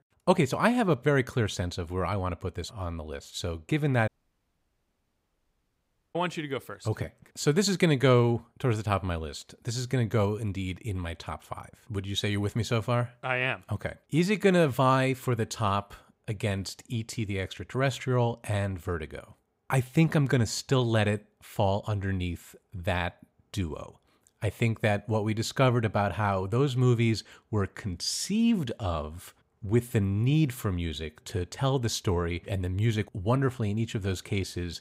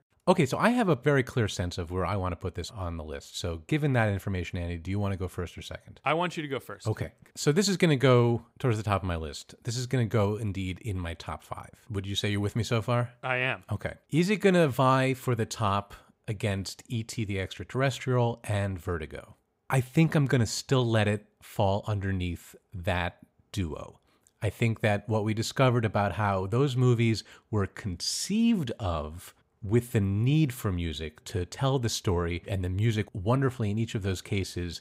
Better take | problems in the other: second | audio cutting out; at 4 s for 2 s

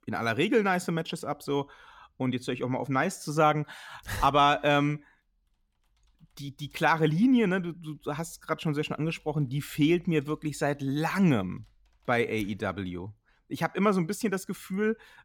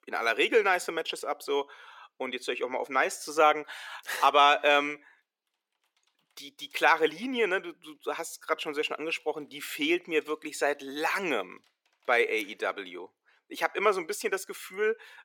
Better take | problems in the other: first | thin; very; fading below 400 Hz

